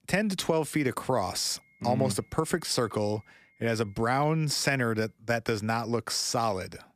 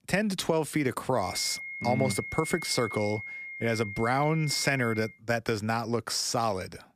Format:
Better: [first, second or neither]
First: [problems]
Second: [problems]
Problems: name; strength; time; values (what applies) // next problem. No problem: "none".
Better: first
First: high-pitched whine; faint; from 1.5 to 5 s; 2 kHz, 35 dB below the speech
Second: high-pitched whine; loud; from 1.5 to 5 s; 2 kHz, 9 dB below the speech